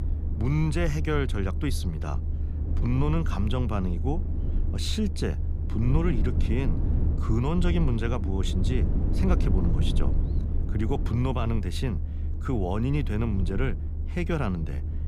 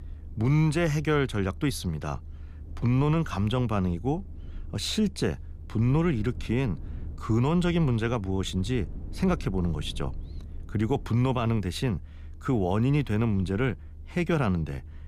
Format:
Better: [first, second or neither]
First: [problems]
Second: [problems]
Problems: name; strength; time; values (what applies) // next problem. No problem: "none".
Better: second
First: low rumble; loud; throughout; 9 dB below the speech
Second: low rumble; faint; throughout; 25 dB below the speech